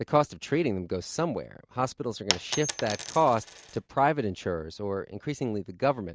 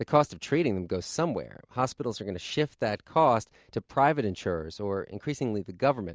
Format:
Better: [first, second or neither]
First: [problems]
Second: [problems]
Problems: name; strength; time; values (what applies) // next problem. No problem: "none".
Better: second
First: background sound (Coin (dropping)); 6 dB below the speech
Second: none